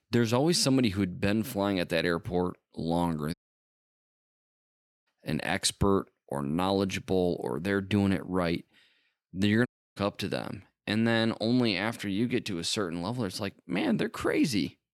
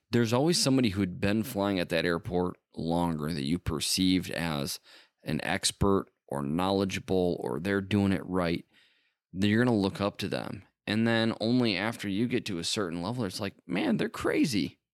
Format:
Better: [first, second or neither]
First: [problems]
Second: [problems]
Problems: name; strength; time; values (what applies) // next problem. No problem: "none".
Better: second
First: audio cutting out; at 3.5 s for 1.5 s and at 9.5 s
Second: none